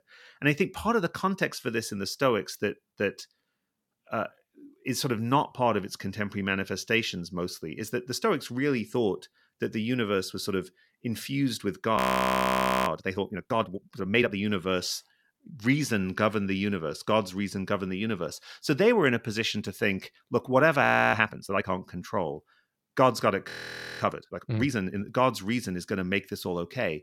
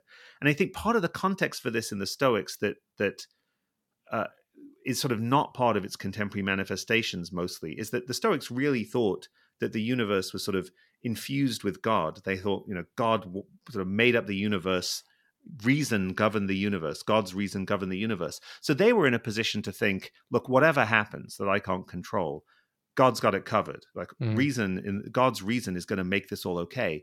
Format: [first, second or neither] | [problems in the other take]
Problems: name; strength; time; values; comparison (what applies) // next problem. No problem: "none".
second | audio freezing; at 12 s for 1 s, at 21 s and at 24 s for 0.5 s